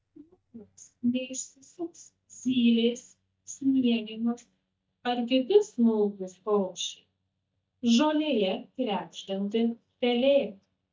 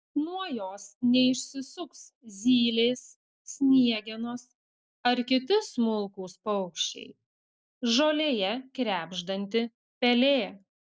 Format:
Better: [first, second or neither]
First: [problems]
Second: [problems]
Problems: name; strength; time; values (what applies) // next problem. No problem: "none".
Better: second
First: noise reduction (neural mask model DeepFilterNet 3)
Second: none